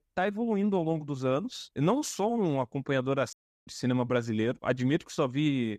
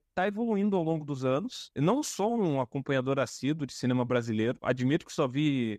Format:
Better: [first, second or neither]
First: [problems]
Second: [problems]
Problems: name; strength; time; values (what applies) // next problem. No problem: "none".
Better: second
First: audio cutting out; at 3.5 s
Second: none